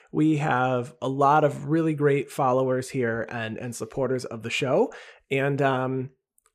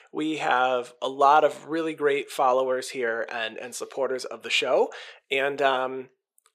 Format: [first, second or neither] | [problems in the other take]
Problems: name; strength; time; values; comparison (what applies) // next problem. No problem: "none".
first | thin; somewhat; fading below 550 Hz